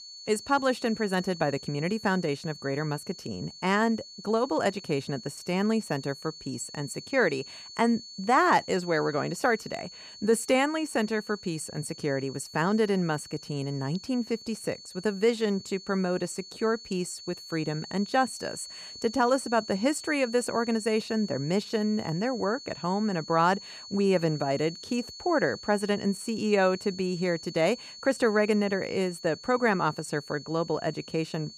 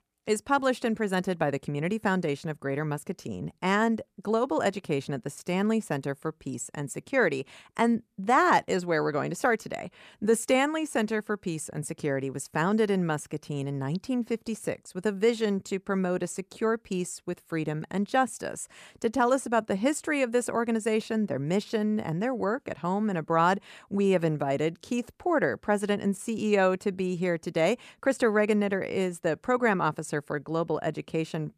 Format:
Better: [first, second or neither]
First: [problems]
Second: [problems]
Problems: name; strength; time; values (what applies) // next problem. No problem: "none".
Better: second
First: high-pitched whine; noticeable; throughout; 4.5 kHz, 15 dB below the speech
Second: none